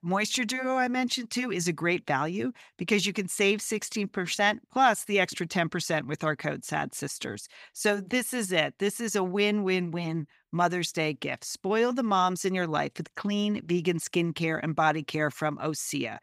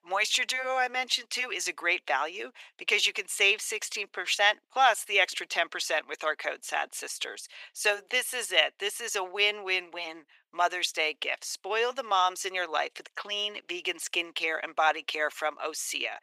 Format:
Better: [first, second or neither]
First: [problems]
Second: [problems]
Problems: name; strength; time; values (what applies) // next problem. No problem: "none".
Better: first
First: none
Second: thin; very; fading below 450 Hz